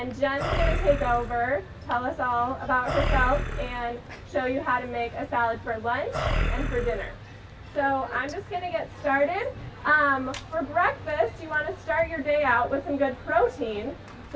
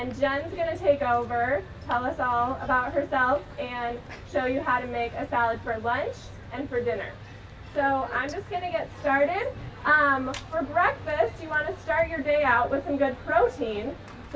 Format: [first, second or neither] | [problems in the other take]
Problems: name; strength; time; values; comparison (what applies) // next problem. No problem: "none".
second | background sound (Animal); 1 dB below the speech